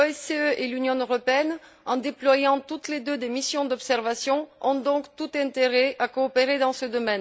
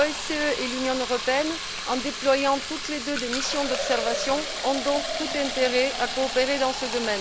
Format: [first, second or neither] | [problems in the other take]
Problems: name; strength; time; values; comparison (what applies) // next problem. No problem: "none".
first | background sound (Fill (with liquid)); 5 dB below the speech